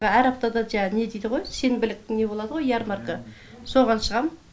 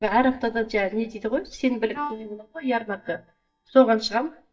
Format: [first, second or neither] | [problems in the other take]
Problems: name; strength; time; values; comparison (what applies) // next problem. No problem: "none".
first | noise reduction (neural mask model DeepFilterNet 3)